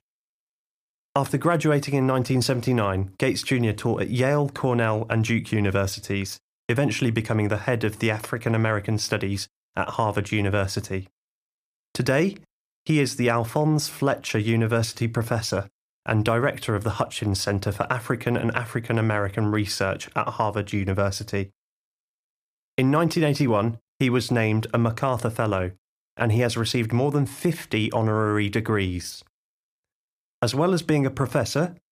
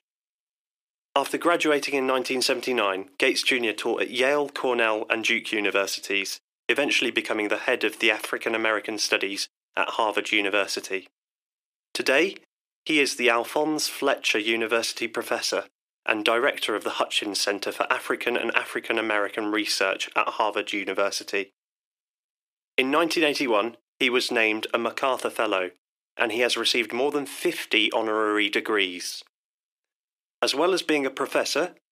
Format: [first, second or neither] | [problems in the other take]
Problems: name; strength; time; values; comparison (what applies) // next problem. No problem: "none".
first | thin; somewhat; fading below 350 Hz